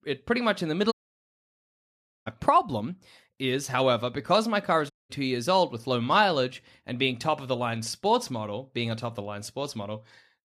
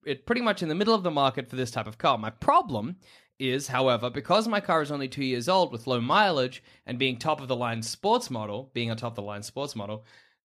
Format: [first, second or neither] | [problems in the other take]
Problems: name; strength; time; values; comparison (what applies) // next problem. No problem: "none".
second | audio cutting out; at 1 s for 1.5 s and at 5 s